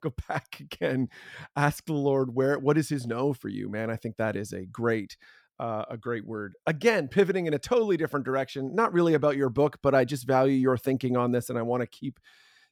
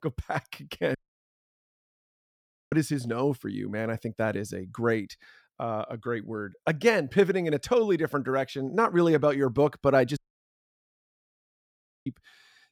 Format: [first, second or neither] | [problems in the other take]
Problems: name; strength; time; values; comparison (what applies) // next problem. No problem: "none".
first | audio cutting out; at 1 s for 2 s and at 10 s for 2 s